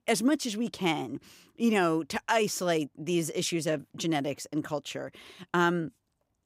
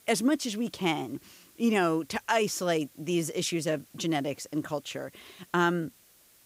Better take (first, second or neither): first